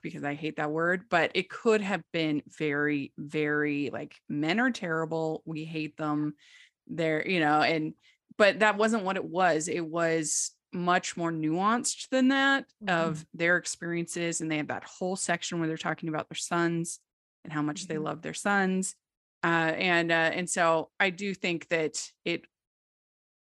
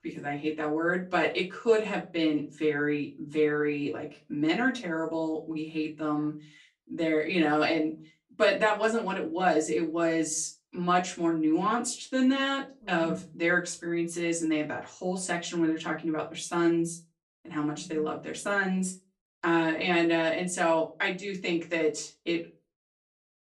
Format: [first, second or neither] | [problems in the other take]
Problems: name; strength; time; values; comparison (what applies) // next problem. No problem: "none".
first | off-mic speech; far // room echo; very slight; dies away in 0.2 s